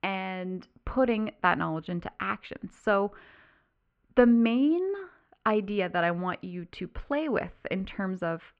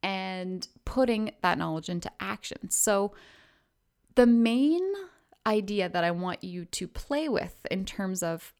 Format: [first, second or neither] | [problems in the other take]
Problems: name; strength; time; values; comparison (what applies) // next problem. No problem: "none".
second | muffled; very; fading above 2.5 kHz